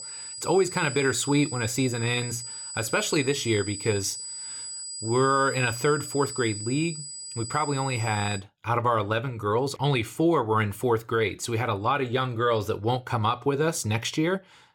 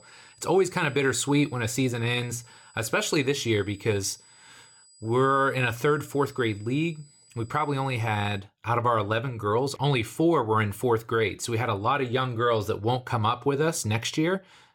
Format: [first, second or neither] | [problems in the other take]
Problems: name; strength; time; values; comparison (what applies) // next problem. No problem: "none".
second | high-pitched whine; loud; until 8.5 s; 8 kHz, 8 dB below the speech; faint in the second